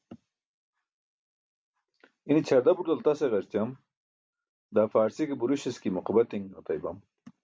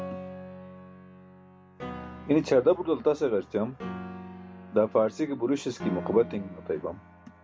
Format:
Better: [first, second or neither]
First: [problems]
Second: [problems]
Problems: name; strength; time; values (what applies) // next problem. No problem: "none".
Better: first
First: none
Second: background sound (Piano); 13 dB below the speech